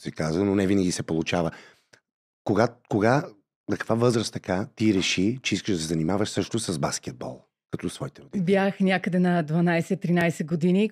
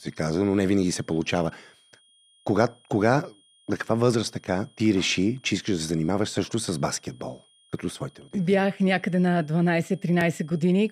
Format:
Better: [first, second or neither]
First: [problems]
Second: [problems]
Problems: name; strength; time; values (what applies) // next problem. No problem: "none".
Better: first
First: none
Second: high-pitched whine; faint; throughout; 3.5 kHz, 35 dB below the speech